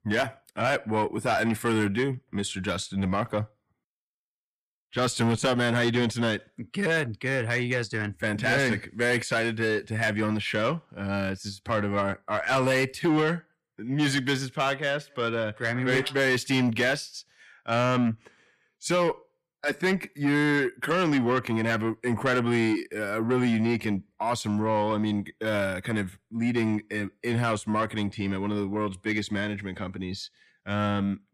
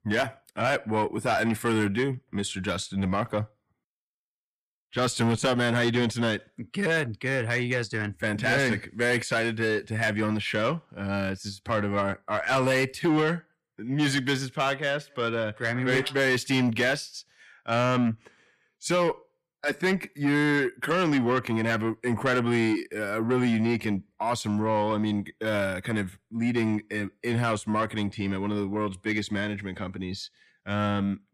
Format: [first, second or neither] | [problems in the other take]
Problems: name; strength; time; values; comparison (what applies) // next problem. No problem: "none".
neither | distortion; slight; 10 dB below the speech; the same in both